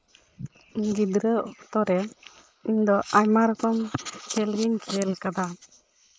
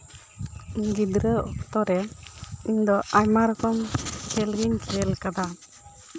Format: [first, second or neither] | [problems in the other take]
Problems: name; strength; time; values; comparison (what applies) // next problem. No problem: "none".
second | noise reduction (neural mask model Resemble Enhance denoiser)